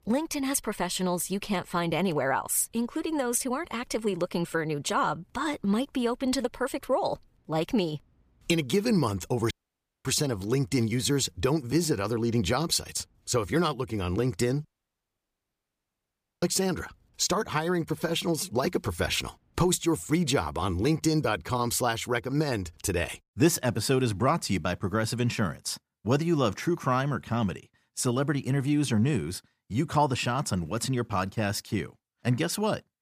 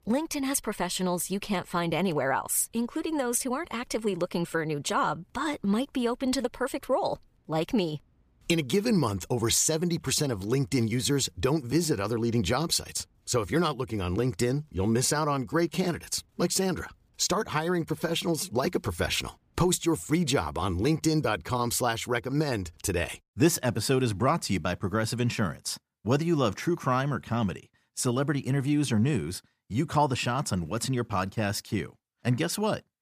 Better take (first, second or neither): second